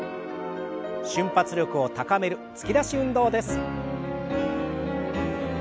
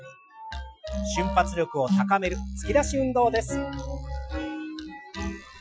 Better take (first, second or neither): first